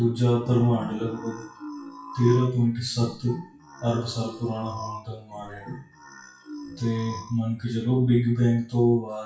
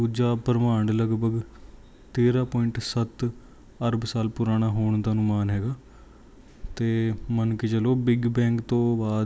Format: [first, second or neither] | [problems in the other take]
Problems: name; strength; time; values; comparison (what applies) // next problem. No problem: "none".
second | noise reduction (classical method WPE with log-MMSE)